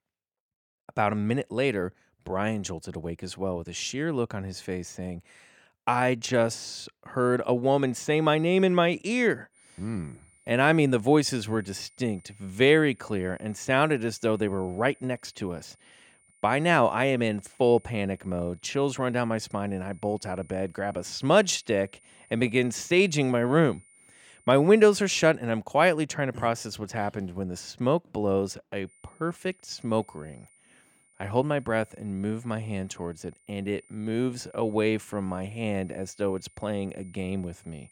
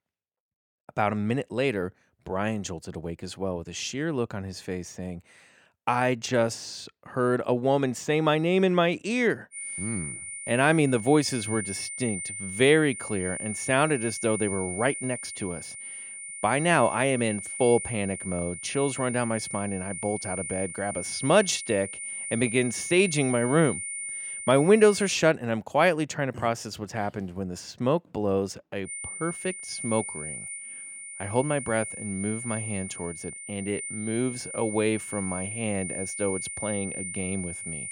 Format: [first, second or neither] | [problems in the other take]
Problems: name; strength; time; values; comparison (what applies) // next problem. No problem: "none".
first | high-pitched whine; loud; from 9.5 to 25 s and from 29 s on; 9 kHz, 7 dB below the speech; faint in the first